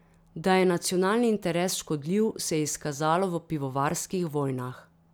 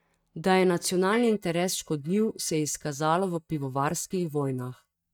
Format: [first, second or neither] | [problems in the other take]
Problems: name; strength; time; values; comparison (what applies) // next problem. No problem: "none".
first | noise reduction (neural mask model DeepFilterNet 3)